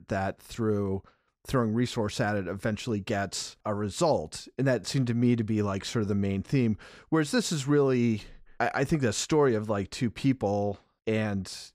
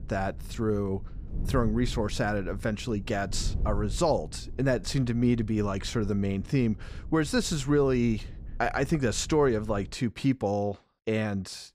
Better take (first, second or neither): first